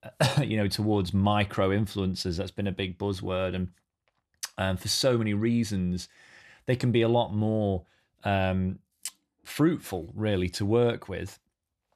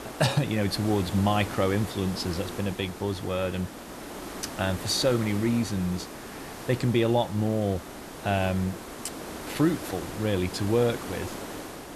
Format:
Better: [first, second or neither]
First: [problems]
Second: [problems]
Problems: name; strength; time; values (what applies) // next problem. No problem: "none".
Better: first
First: none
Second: hiss; noticeable; throughout; 10 dB below the speech